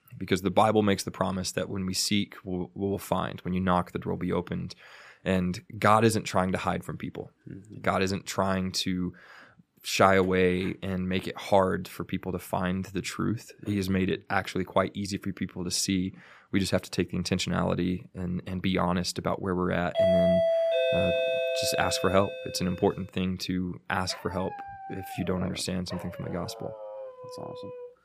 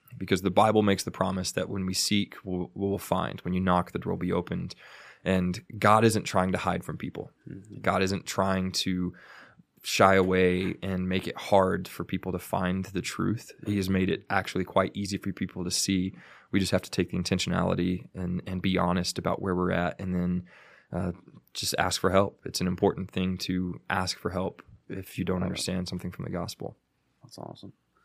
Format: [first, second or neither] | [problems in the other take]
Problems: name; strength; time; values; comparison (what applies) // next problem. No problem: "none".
second | doorbell; loud; from 20 to 23 s; peak 6 dB above the speech // dog barking; faint; from 24 s on; peak 10 dB below the speech